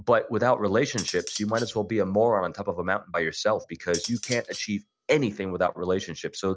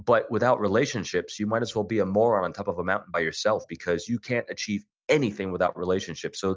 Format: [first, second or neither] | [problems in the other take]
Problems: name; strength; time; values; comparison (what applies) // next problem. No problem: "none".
second | background sound (Cutlery, silverware); 12 dB below the speech